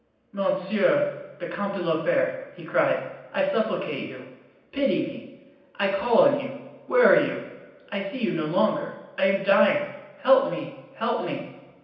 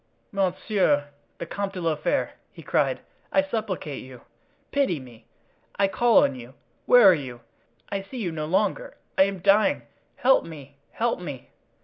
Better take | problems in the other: second | room echo; dies away in 0.9 s

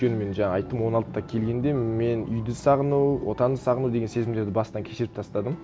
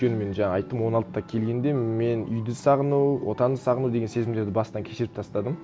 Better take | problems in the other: second | background sound (Sliding door); 20 dB below the speech

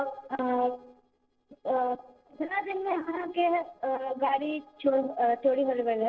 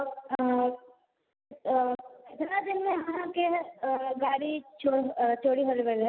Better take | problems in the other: second | noise reduction (neural separator model SepFormer DNS4)

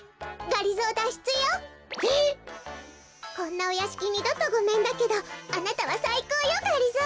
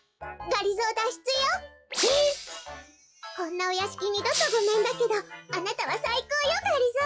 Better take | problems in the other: first | noise reduction (classical method log-MMSE)

